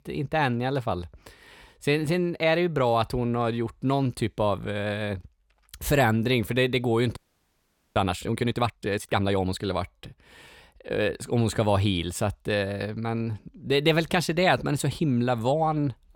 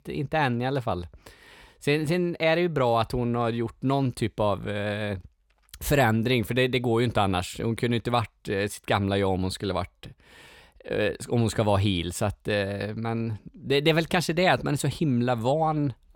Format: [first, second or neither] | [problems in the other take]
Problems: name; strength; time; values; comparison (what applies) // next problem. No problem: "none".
second | audio freezing; at 7 s for 1 s